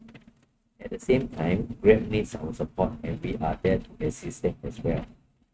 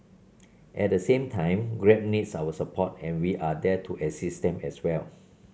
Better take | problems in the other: second | noise reduction (neural mask model RNNoise)

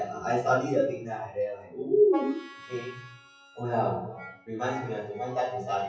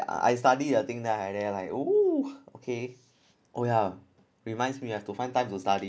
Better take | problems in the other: second | noise reduction (classical method WPE with log-MMSE)

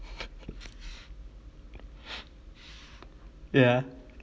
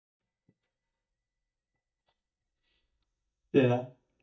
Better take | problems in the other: first | noise reduction (neural mask model DeepFilterNet 3)

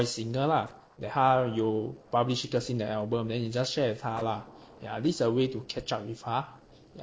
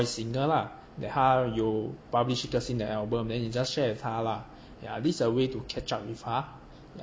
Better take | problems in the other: second | noise reduction (neural separator model SepFormer DNS4)

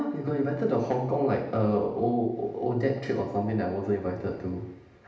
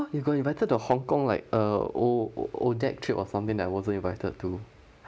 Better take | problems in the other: second | room echo; dies away in 0.8 s

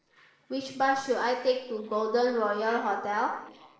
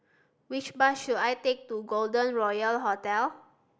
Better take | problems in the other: second | noise reduction (neural separator model SepFormer DNS4)

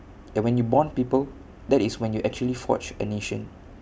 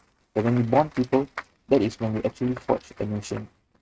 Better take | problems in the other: first | noise reduction (neural mask model RNNoise)

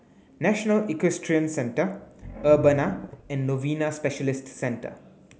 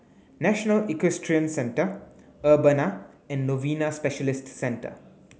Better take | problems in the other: second | background sound (Growling); 15 dB below the speech

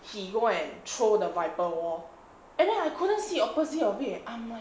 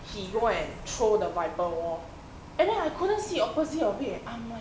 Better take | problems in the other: first | background sound (Bus); 15 dB below the speech

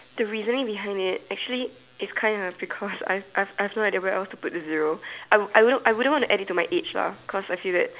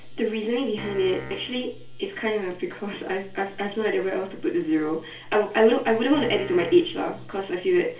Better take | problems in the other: first | background sound (Piano); 14 dB below the speech // room echo; dies away in 0.3 s

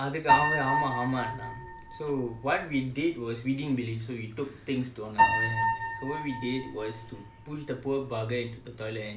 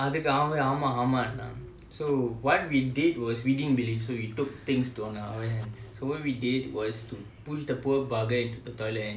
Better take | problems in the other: second | background sound (Piano); as loud as the speech

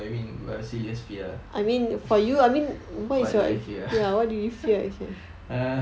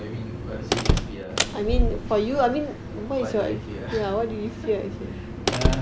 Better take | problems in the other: first | background sound (Slam); as loud as the speech

